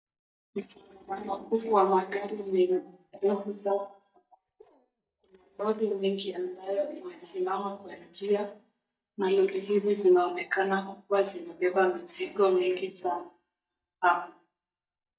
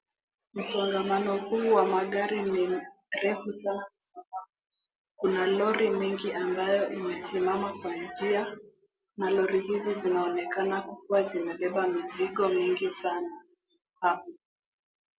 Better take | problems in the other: second | noise reduction (neural mask model DeepFilterNet 3)

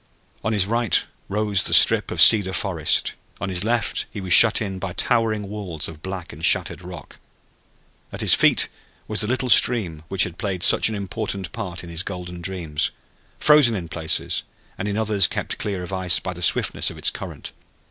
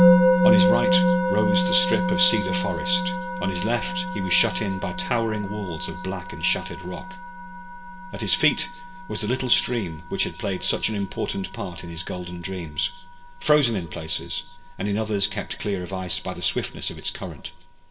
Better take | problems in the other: first | background sound (Musical instrument); 1 dB above the speech // room echo; dies away in 0.7 s

